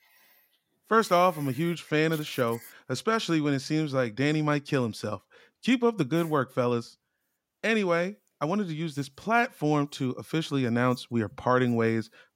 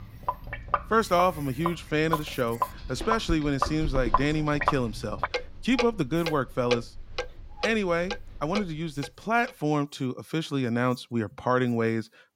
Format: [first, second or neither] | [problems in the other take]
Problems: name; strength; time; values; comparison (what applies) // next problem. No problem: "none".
first | household noises; loud; until 9 s; 5 dB below the speech